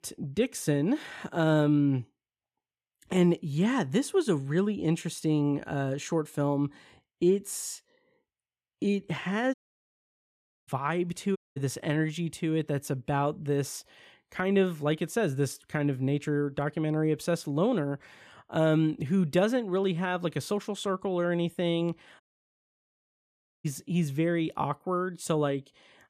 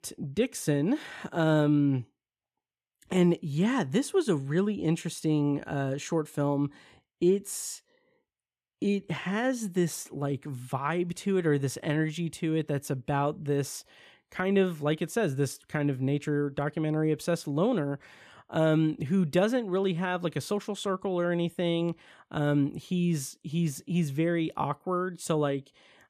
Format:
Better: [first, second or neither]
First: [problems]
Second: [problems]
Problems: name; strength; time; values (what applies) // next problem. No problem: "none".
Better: second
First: audio cutting out; at 9.5 s for 1 s, at 11 s and at 22 s for 1.5 s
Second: none